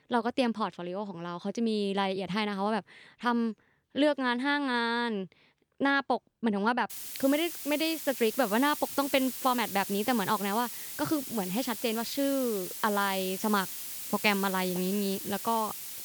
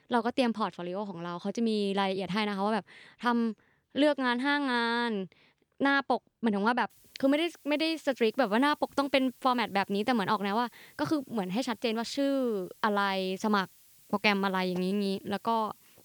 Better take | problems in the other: second | hiss; loud; from 7 s on; 7 dB below the speech; faint in the second

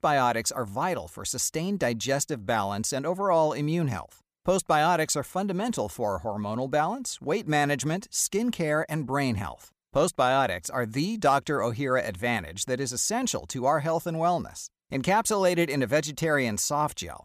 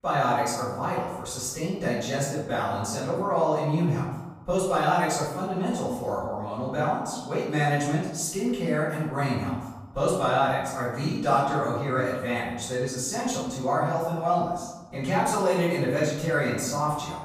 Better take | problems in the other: first | room echo; noticeable; dies away in 1 s // off-mic speech; far

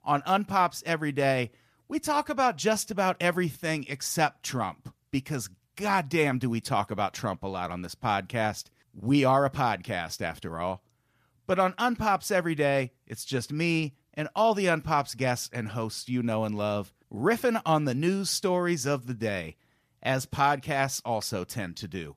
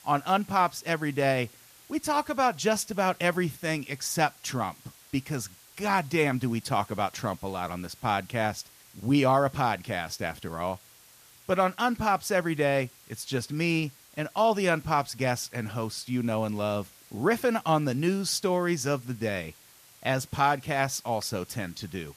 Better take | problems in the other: first | hiss; faint; throughout; 25 dB below the speech

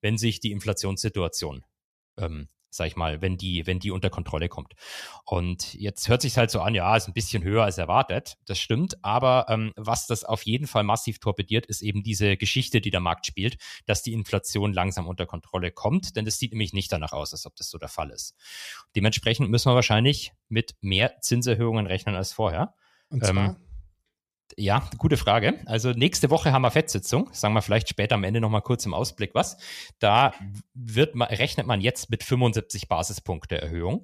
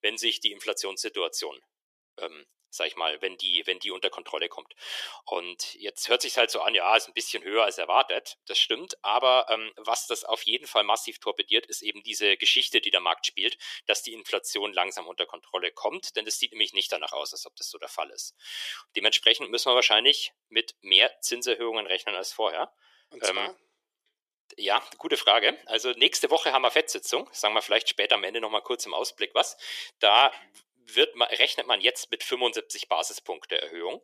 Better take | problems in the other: first | thin; very; fading below 350 Hz

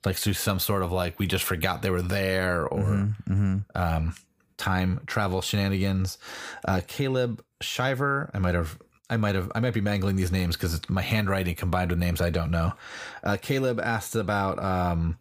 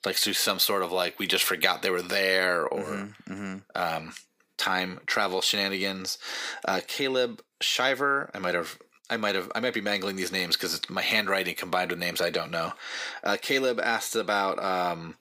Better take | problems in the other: first | thin; somewhat; fading below 300 Hz

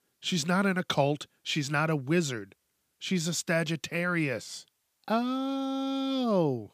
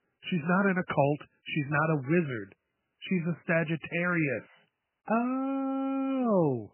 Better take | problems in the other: first | garbled, watery; badly; nothing above 3 kHz

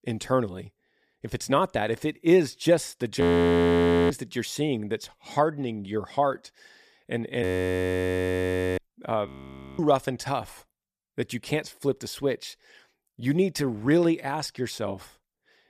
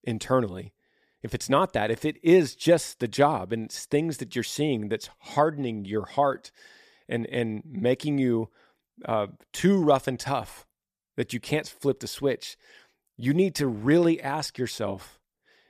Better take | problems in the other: second | audio freezing; at 3 s for 1 s, at 7.5 s for 1.5 s and at 9.5 s for 0.5 s

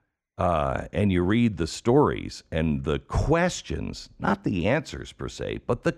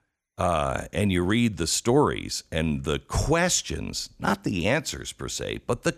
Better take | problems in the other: second | muffled; slightly; fading above 1.5 kHz

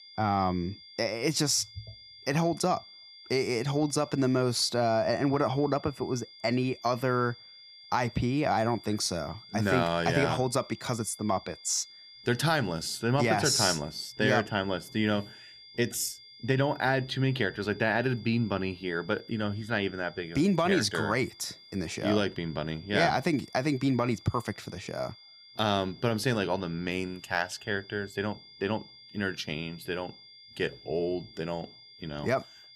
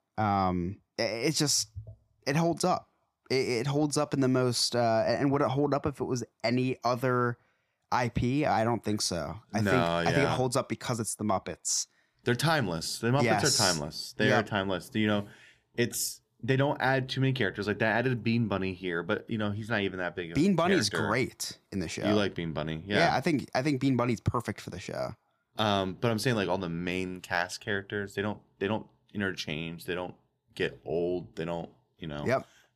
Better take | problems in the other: second | high-pitched whine; noticeable; throughout; 5 kHz, 20 dB below the speech

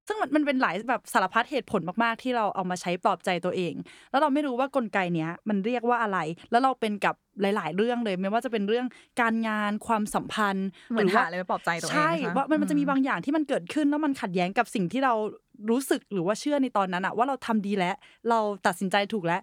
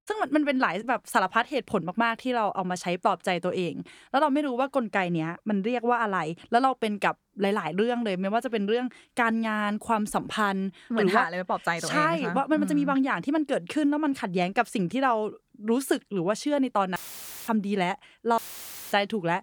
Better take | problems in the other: first | audio cutting out; filled with static; at 17 s for 0.5 s and at 18 s for 0.5 s

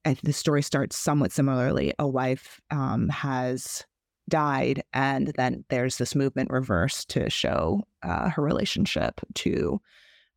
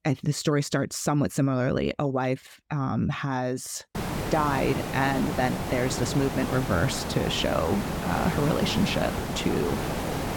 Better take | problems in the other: first | hiss; loud; from 4 s on; 4 dB below the speech

